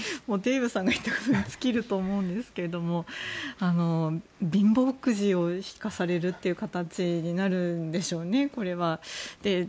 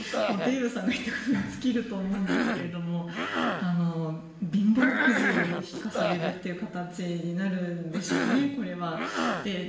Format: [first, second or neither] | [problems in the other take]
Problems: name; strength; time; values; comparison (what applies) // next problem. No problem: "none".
first | background sound (Cough); 3 dB below the speech // room echo; dies away in 0.9 s